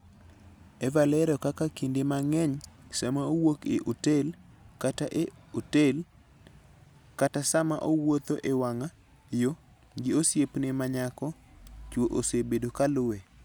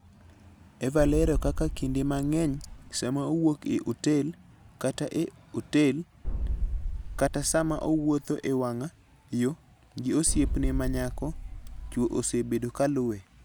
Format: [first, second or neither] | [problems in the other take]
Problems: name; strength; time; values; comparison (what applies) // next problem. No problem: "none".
first | background sound (Boom); 4 dB below the speech